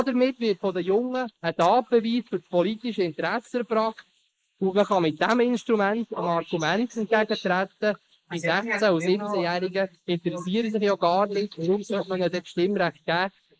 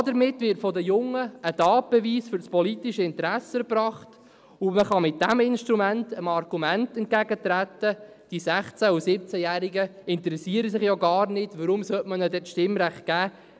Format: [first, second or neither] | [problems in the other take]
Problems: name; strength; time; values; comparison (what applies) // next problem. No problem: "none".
second | noise reduction (neural mask model Resemble Enhance denoiser)